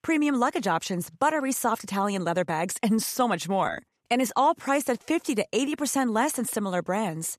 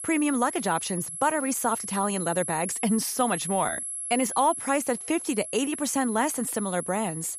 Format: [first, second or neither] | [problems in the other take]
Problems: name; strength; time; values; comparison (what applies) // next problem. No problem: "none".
first | high-pitched whine; loud; throughout; 11 kHz, 6 dB below the speech